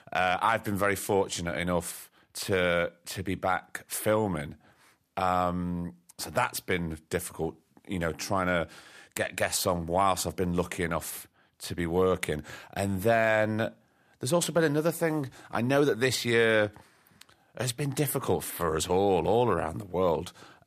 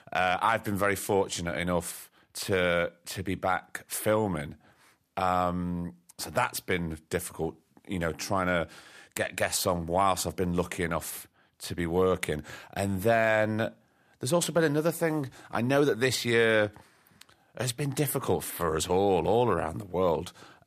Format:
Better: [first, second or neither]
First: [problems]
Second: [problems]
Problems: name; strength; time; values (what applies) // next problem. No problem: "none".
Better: neither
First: none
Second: none